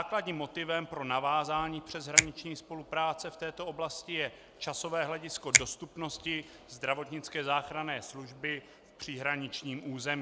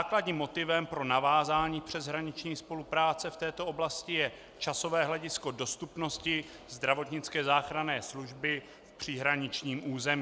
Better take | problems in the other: second | background sound (Finger snapping); 2 dB above the speech

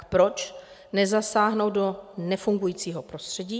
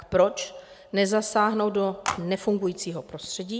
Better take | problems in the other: first | background sound (Telephone); 12 dB below the speech

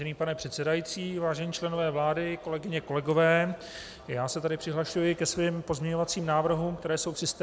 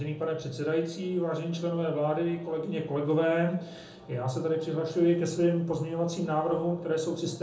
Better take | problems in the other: first | room echo; dies away in 1 s

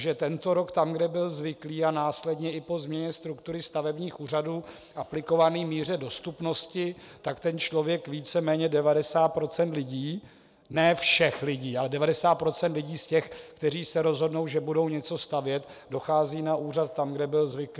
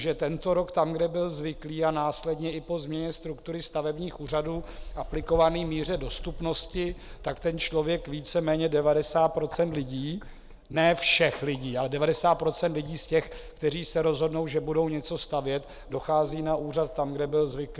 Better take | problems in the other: first | background sound (Bird); 15 dB below the speech

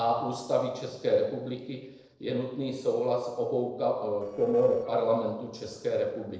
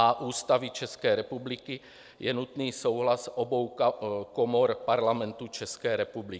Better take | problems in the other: second | noise reduction (neural separator model SepFormer DNS4)

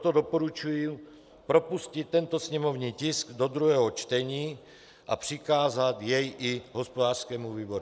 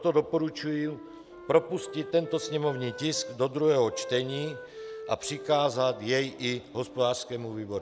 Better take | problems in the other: first | background sound (Wind instrument, woodwind instrument); 15 dB below the speech

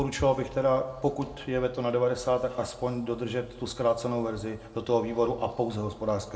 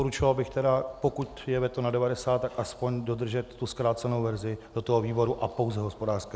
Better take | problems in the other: second | room echo; dies away in 1.4 s

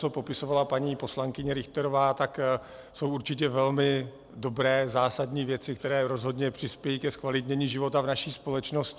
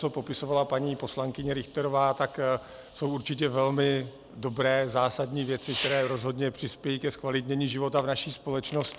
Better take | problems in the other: first | background sound (Fireworks); 17 dB below the speech

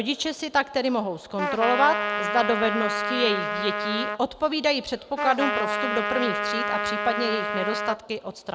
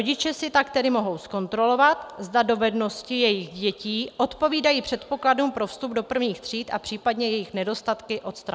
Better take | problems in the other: second | background sound (Trumpet); 1 dB below the speech

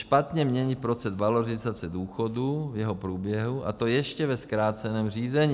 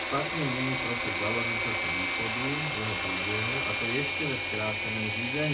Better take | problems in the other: first | background sound (Engine / Mechanisms); 3 dB above the speech // room echo; dies away in 0.2 s

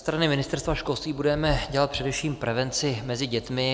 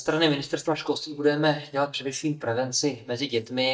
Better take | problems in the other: first | noise reduction (neural mask model DeepFilterNet 3)

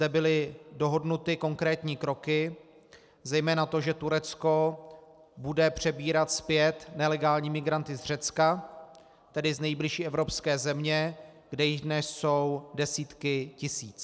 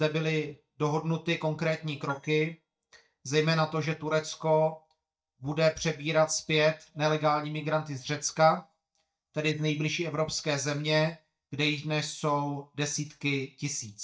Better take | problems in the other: first | noise reduction (neural mask model DeepFilterNet 3)

